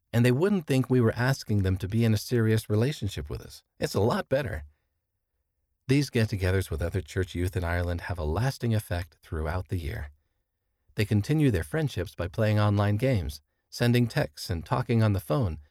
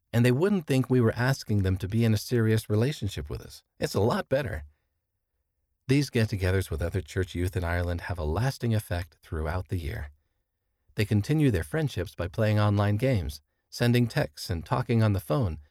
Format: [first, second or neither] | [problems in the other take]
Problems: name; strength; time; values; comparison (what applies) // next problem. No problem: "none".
neither | none